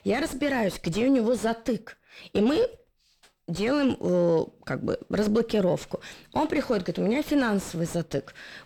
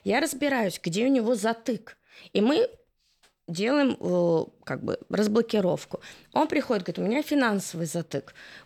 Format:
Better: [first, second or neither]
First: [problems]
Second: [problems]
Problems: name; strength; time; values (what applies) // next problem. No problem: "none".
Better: second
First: distortion; slight; 9 dB below the speech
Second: none